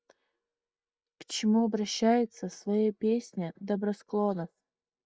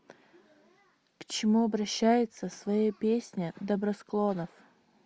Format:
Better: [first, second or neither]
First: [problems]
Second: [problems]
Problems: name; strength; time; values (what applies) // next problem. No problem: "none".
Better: second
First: noise reduction (neural mask model DeepFilterNet 3)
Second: none